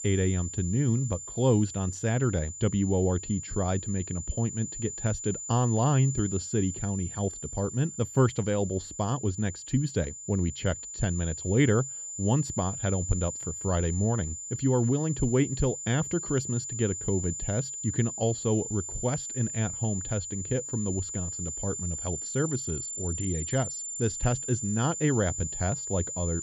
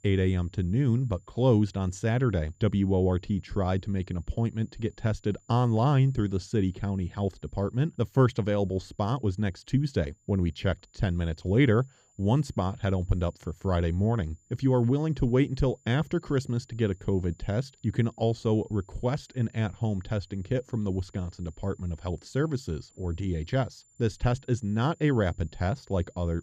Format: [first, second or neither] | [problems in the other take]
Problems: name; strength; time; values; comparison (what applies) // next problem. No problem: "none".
second | high-pitched whine; loud; throughout; 7 kHz, 6 dB below the speech; faint in the second